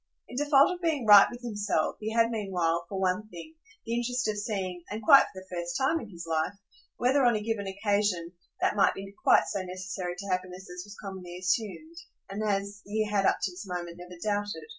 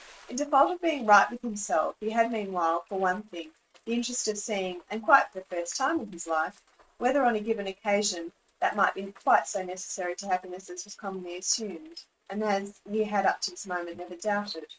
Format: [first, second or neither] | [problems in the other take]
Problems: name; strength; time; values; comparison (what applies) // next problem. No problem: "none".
first | noise reduction (neural mask model RNNoise)